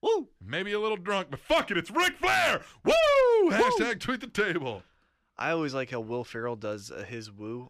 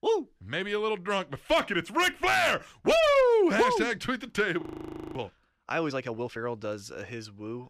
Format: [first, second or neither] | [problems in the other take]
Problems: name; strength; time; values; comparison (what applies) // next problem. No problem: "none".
first | audio freezing; at 4.5 s for 0.5 s